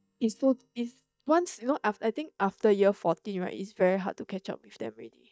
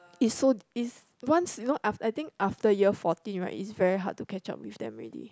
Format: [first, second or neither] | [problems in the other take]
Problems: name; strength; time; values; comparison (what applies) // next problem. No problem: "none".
second | noise reduction (neural mask model DeepFilterNet 3)